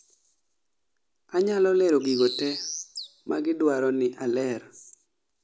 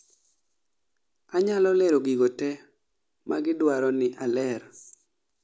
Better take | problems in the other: second | background sound (Bird); 9 dB below the speech

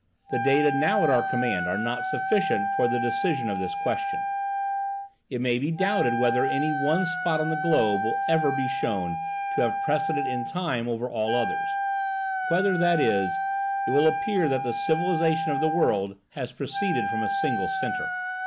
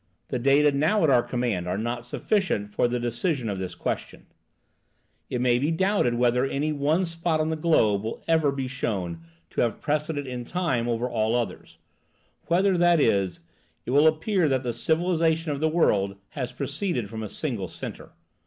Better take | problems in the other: second | background sound (Wind instrument, woodwind instrument); 2 dB below the speech

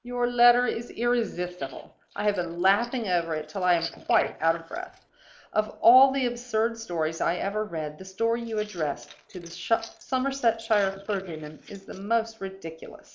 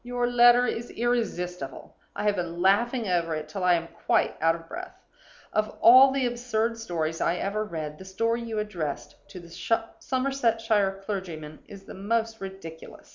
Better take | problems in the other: second | noise reduction (neural mask model Resemble Enhance denoiser)

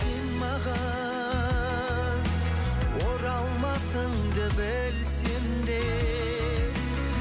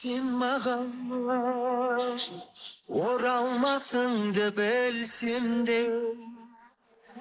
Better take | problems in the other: first | noise reduction (neural mask model Resemble Enhance denoiser)

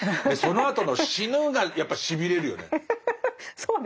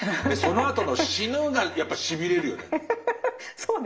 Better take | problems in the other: first | background sound (Tabla); 16 dB below the speech // room echo; dies away in 0.6 s

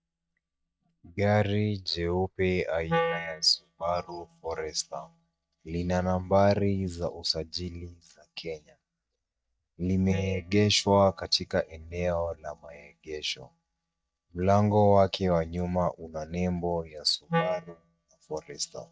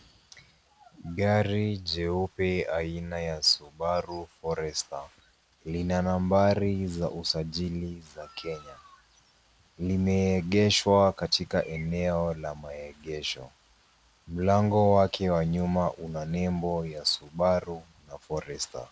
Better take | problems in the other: second | noise reduction (neural mask model DeepFilterNet 3)

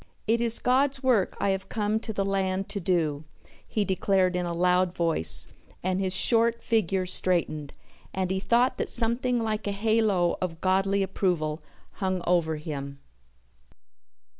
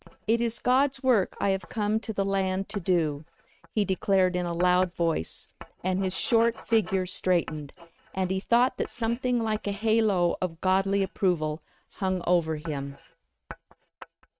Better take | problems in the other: first | noise reduction (neural mask model RNNoise)

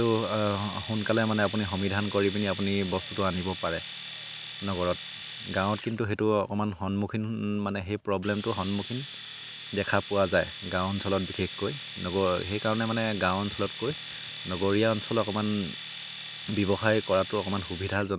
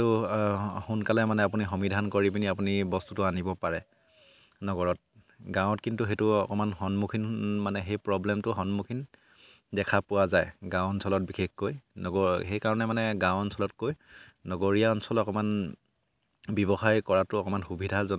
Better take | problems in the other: second | background sound (Domestic sounds, home sounds); 12 dB below the speech

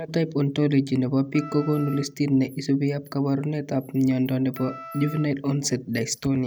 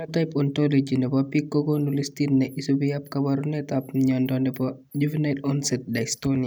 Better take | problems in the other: second | background sound (Wind instrument, woodwind instrument); 17 dB below the speech

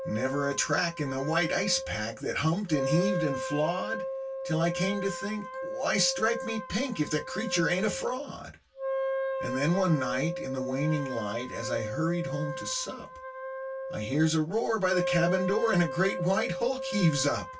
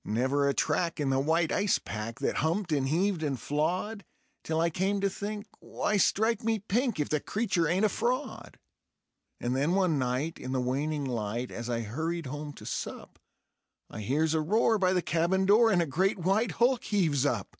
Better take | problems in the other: second | background sound (Wind instrument, woodwind instrument); 6 dB below the speech // room echo; dies away in 0.1 s

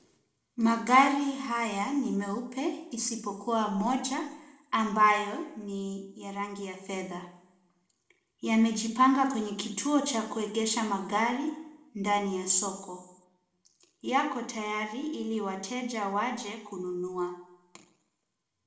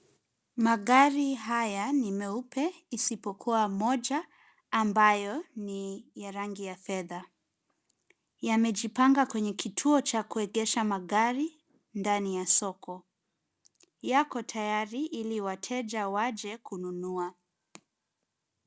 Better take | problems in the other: second | room echo; dies away in 0.7 s

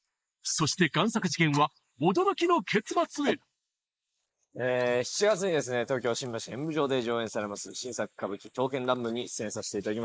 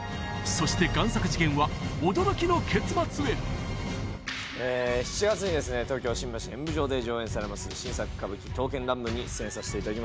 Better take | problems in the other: second | noise reduction (neural mask model Resemble Enhance denoiser)

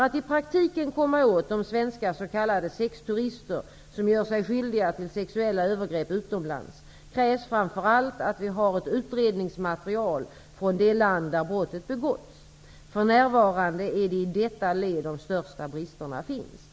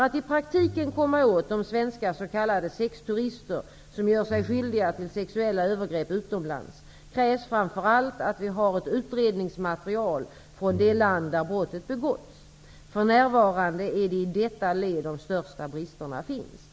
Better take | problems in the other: first | background sound (Bowed string instrument); 18 dB below the speech

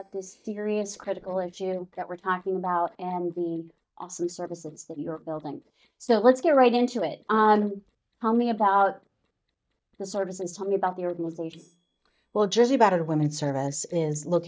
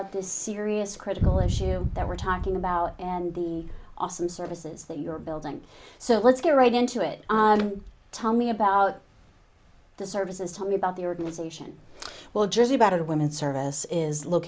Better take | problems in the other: second | noise reduction (neural mask model DeepFilterNet 3)

